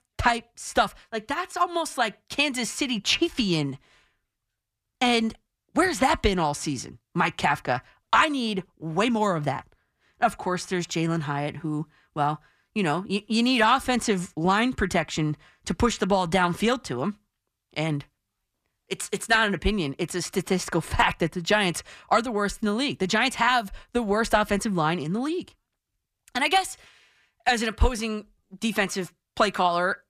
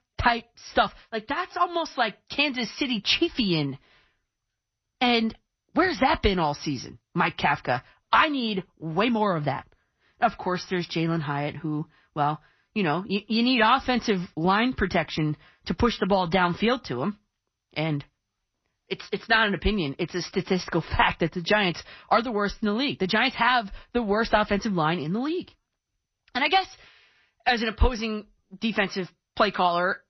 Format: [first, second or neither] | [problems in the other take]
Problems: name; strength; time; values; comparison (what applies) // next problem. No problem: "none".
first | garbled, watery; slightly; nothing above 5.5 kHz